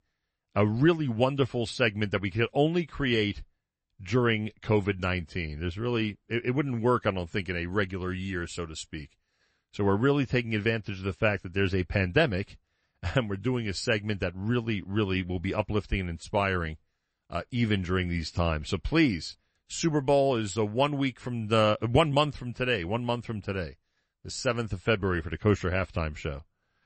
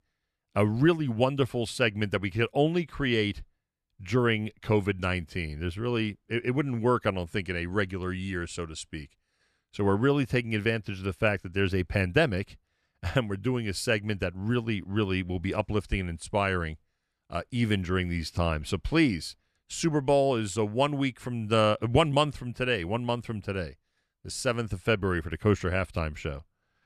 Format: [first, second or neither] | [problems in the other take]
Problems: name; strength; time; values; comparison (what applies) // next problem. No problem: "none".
second | garbled, watery; slightly; nothing above 8 kHz